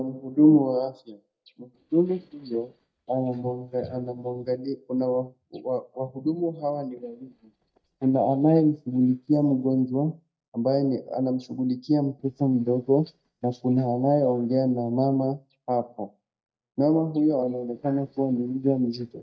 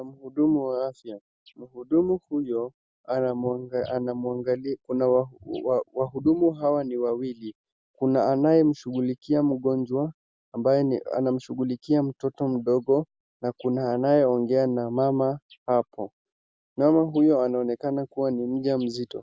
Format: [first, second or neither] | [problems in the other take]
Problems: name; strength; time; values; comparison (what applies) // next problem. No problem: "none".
second | noise reduction (neural mask model DeepFilterNet 3)